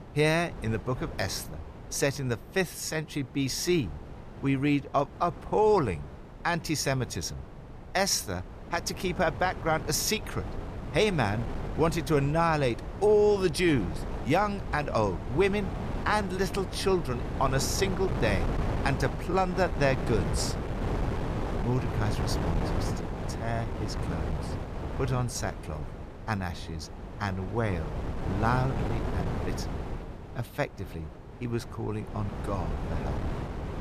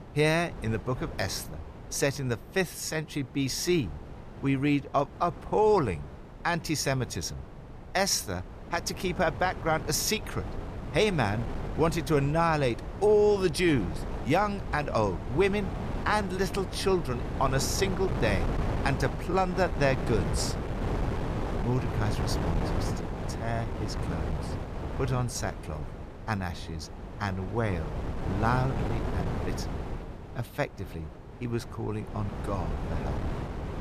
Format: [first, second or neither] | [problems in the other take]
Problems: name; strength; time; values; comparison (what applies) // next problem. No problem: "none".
neither | wind noise on the microphone; occasional gusts; 10 dB below the speech; the same in both